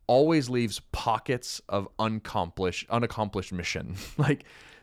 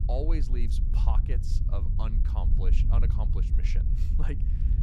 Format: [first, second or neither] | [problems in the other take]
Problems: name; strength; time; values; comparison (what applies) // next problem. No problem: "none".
first | low rumble; loud; throughout; 4 dB below the speech